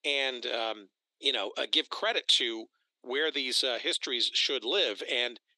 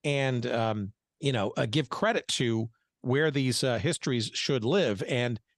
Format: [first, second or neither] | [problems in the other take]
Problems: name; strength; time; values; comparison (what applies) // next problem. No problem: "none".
second | thin; very; fading below 300 Hz